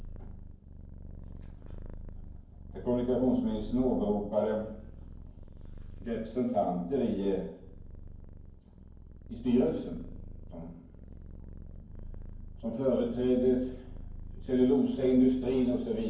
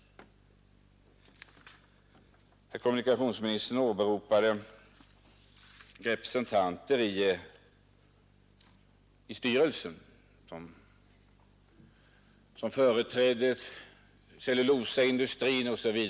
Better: second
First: background sound (Purr); 12 dB below the speech // room echo; dies away in 0.9 s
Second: none

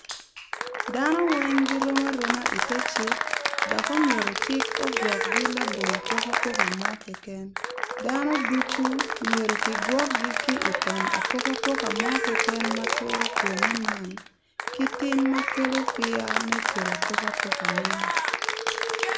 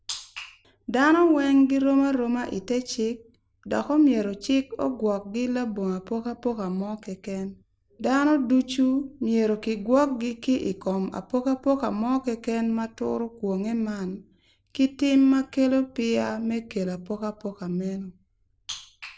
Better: second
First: background sound (Applause / Cheering); 2 dB above the speech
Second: none

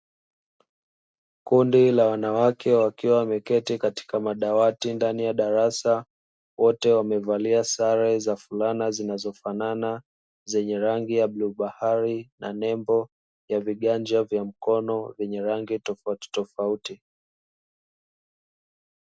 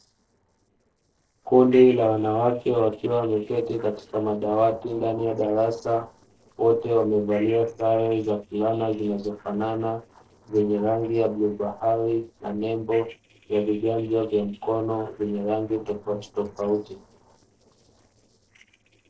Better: first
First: none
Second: noise reduction (neural separator model SepFormer DNS4)

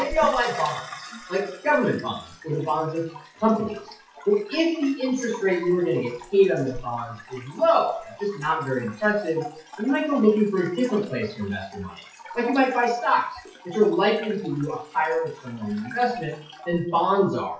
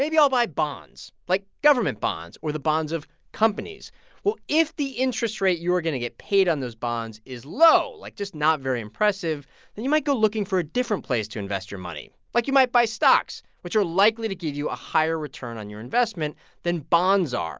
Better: second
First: noise reduction (classical method WPE with log-MMSE)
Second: none

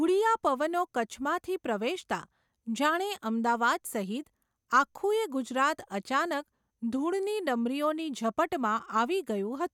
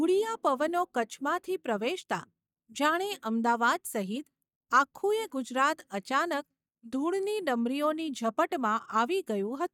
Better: first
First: none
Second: noise reduction (neural mask model DeepFilterNet 3)

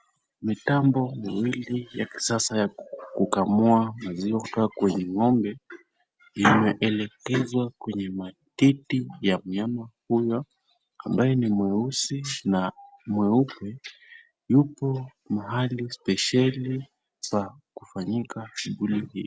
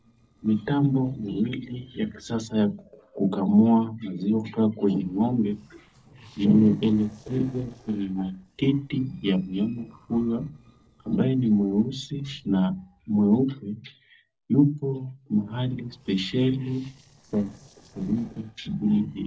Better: first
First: none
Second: noise reduction (neural separator model SepFormer DNS4)

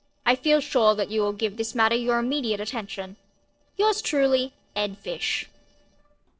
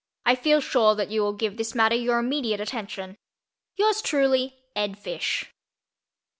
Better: second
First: noise reduction (neural separator model SepFormer DNS4)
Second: none

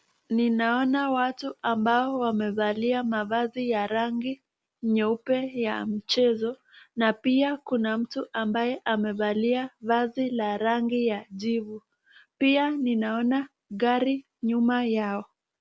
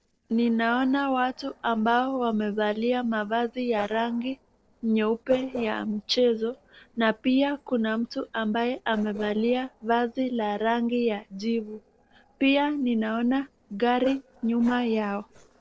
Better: first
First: none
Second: noise reduction (neural separator model SepFormer DNS4)

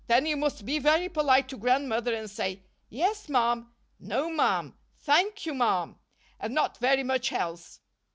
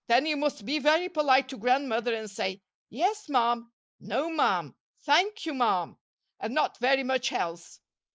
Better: first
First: none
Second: noise reduction (neural mask model Resemble Enhance denoiser)

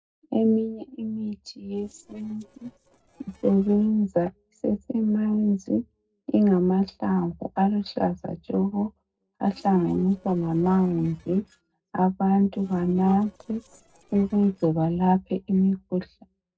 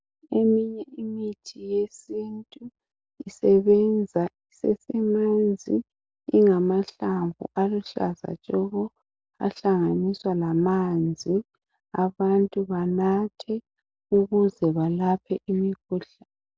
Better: second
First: noise reduction (neural separator model SepFormer DNS4)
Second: none

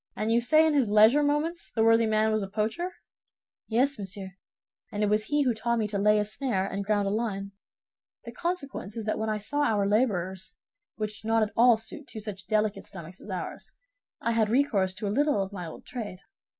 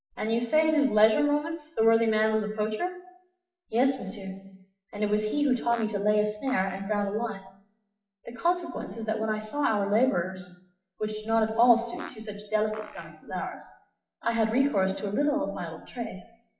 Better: first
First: none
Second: noise reduction (classical method WPE with log-MMSE)

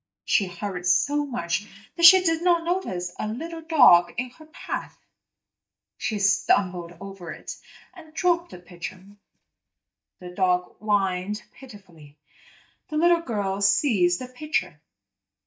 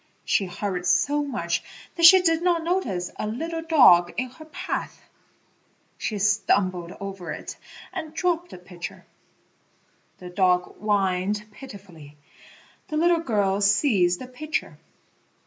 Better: second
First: noise reduction (neural mask model DeepFilterNet 3)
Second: none

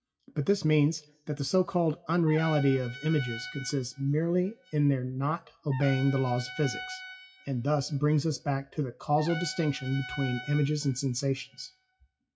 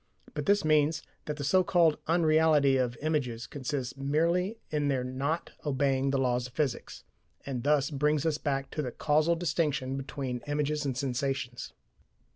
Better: second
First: noise reduction (classical method WPE with log-MMSE)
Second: none

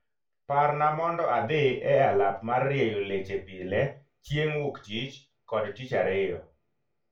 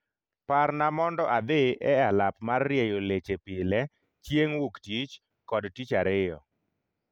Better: second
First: room echo; dies away in 0.3 s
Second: none

